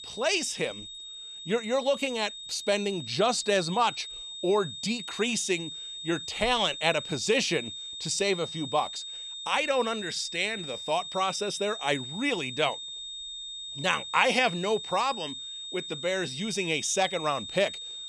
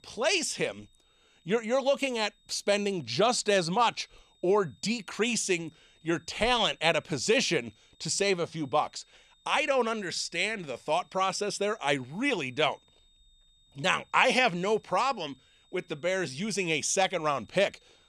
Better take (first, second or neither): second